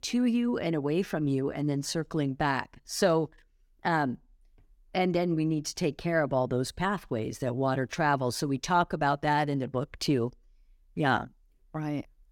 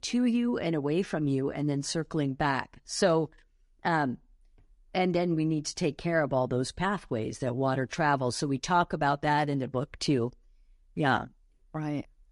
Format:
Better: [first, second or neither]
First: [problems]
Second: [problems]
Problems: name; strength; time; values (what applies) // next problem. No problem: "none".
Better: first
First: none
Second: garbled, watery; slightly; nothing above 10.5 kHz